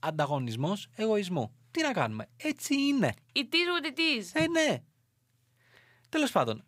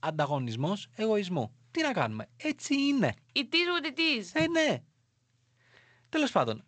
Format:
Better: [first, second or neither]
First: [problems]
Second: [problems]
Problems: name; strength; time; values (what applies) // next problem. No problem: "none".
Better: first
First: none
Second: garbled, watery; slightly; nothing above 8 kHz